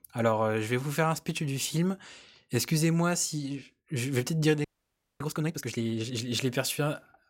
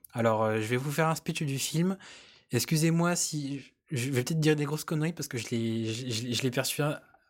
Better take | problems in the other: second | audio freezing; at 4.5 s for 0.5 s

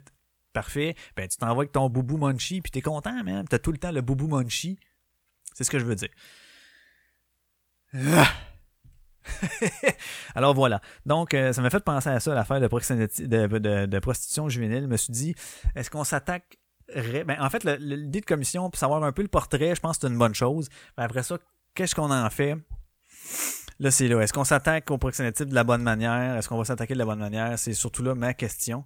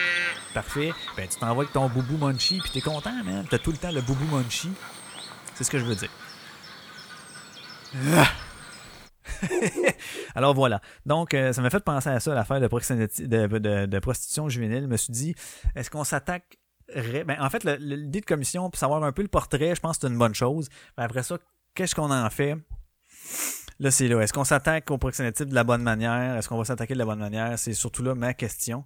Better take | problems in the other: first | animal sounds; loud; until 10 s; 8 dB below the speech

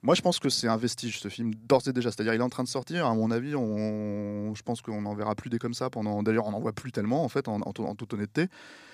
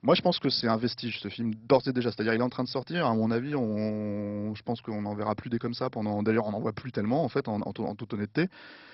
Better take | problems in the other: first | garbled, watery; badly; nothing above 5.5 kHz

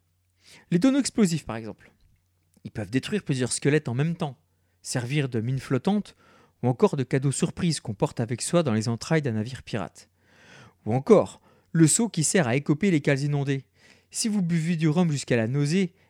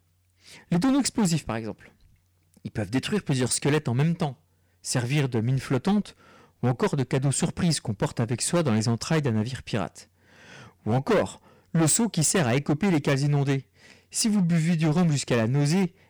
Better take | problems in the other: first | distortion; heavy; 10% of the sound clipped

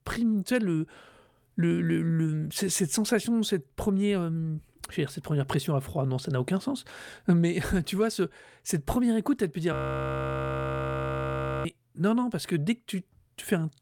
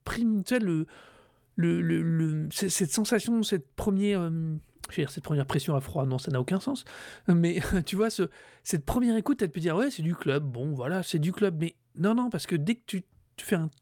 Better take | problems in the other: second | audio freezing; at 9.5 s for 2 s

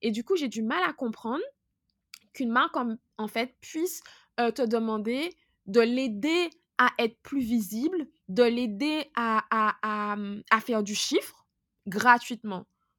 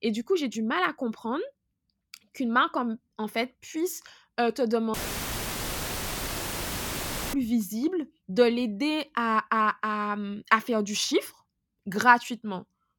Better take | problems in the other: first | audio cutting out; filled with static; at 5 s for 2.5 s

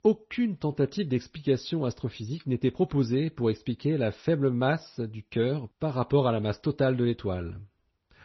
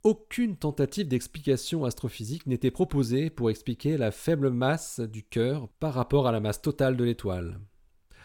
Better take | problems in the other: second | garbled, watery; slightly; nothing above 6 kHz

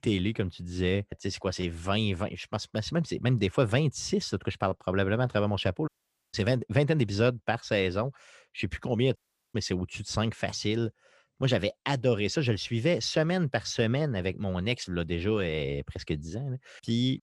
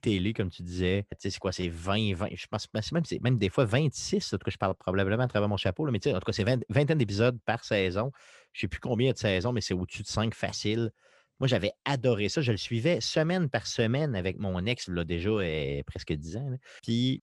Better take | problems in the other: second | audio cutting out; at 6 s and at 9 s

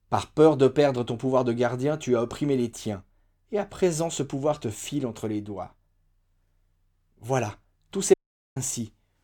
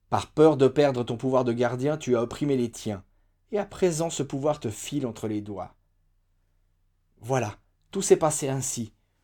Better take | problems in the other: second | audio cutting out; at 8 s

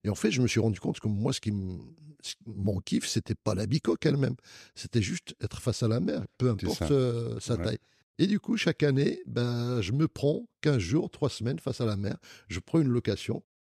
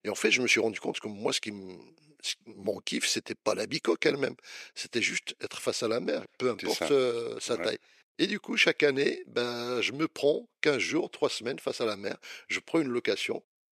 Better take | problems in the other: first | thin; somewhat; fading below 450 Hz

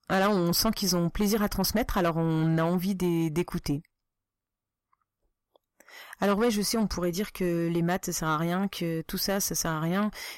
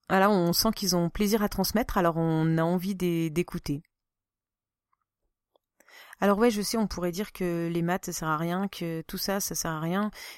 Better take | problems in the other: second | distortion; slight; 10 dB below the speech

